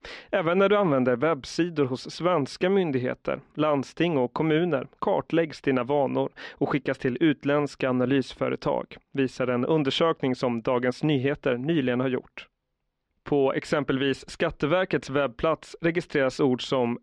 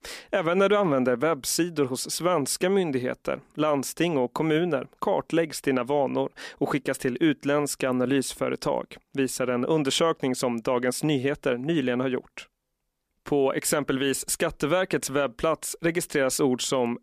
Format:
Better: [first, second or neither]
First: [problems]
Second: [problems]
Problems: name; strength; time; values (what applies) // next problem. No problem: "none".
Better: second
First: muffled; slightly; fading above 4 kHz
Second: none